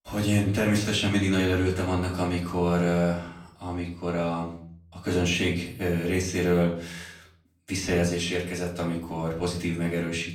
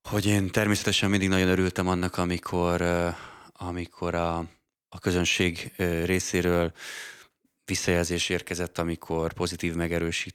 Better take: second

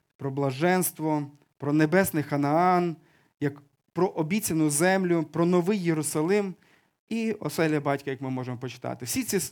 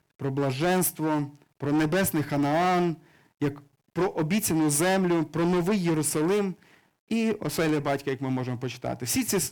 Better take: first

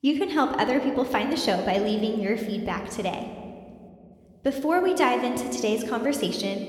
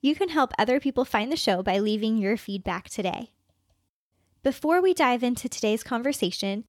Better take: second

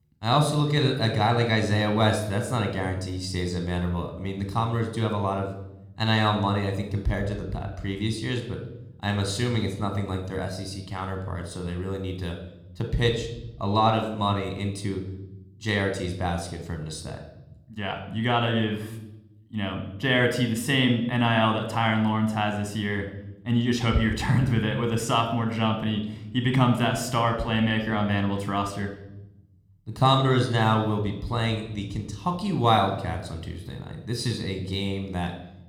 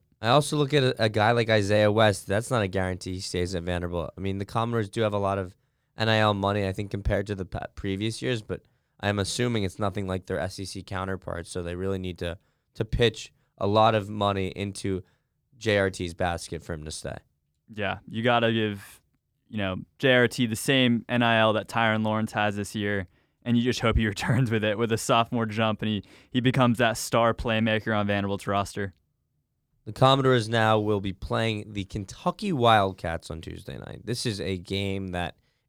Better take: second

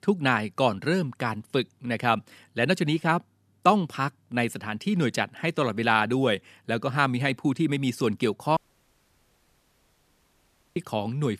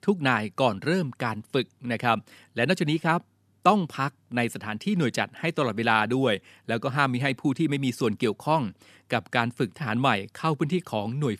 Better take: second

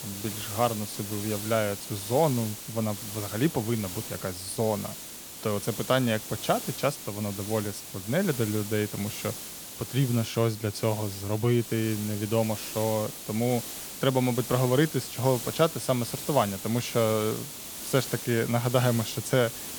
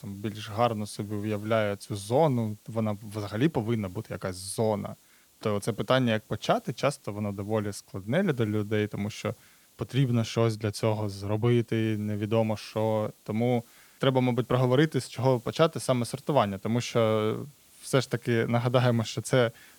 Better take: second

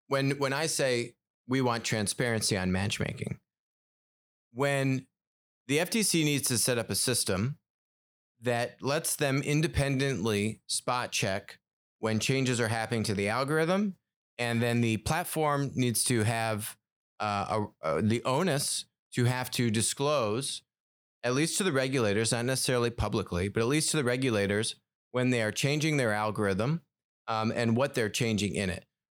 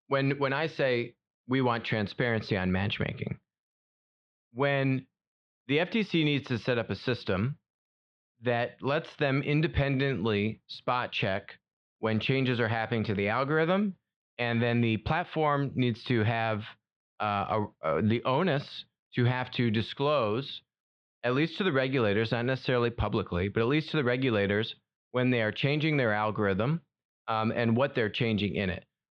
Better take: first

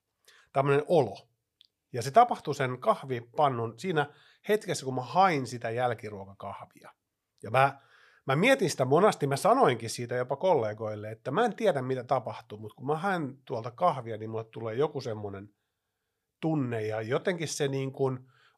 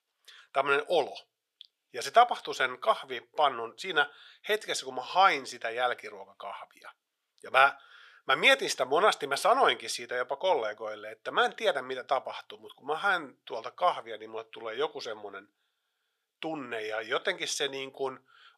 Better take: first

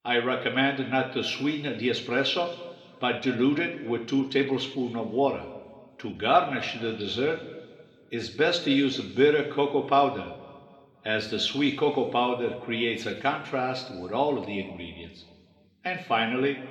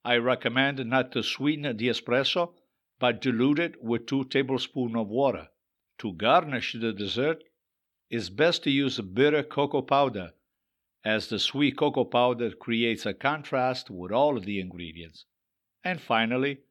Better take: second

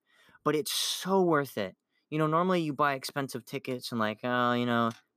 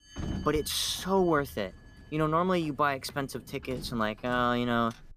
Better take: first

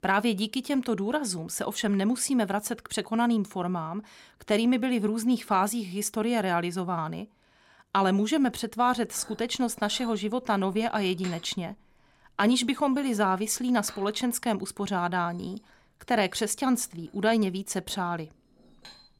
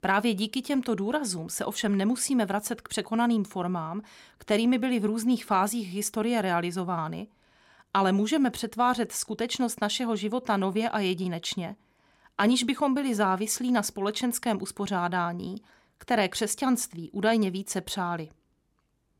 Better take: second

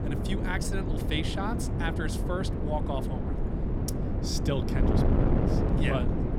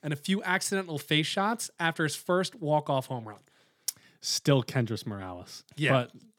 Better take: second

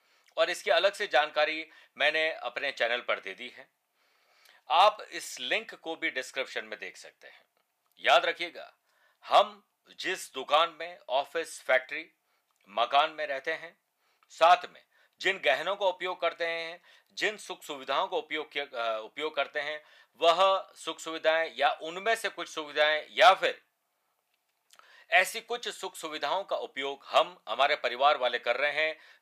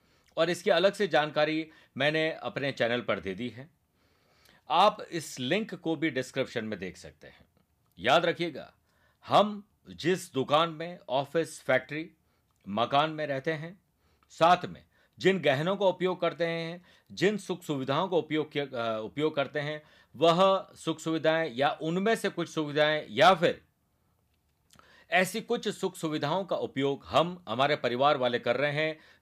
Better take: second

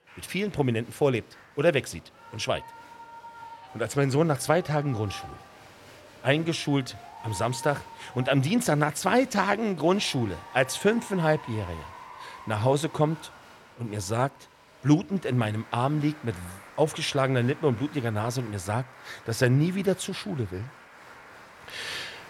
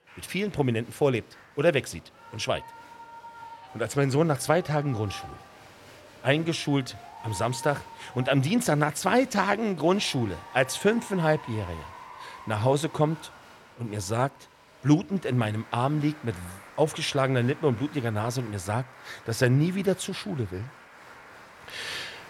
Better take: neither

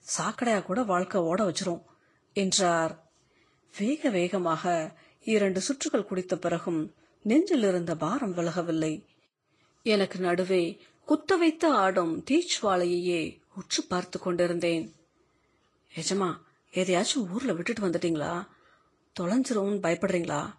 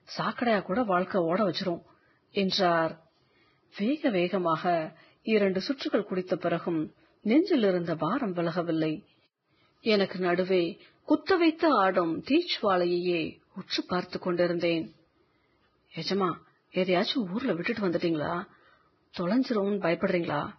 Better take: first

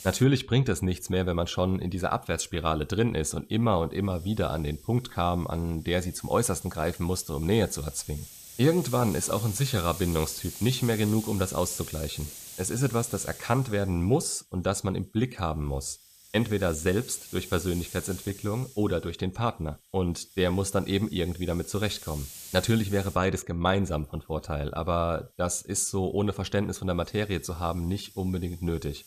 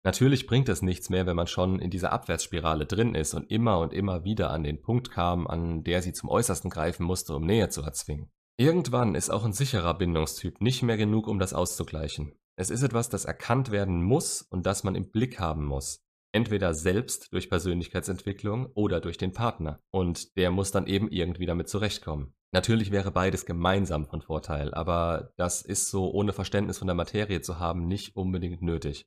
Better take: second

